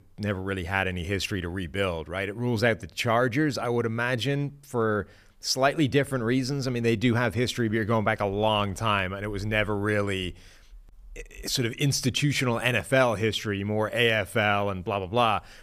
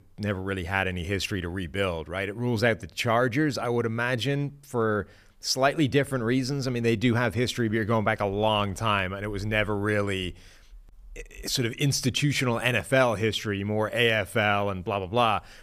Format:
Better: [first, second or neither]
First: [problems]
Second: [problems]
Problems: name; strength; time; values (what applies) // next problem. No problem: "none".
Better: neither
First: none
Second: none